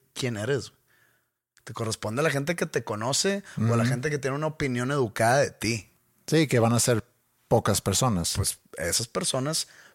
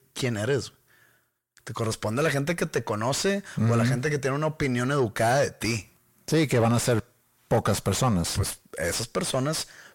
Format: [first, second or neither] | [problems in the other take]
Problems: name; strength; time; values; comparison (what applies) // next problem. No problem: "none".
first | distortion; slight; 10 dB below the speech